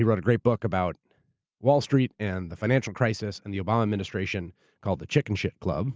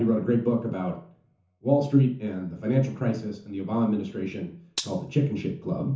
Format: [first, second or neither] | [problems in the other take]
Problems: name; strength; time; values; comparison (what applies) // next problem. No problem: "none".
first | background sound (Gunshot, gunfire); 13 dB below the speech // room echo; dies away in 0.9 s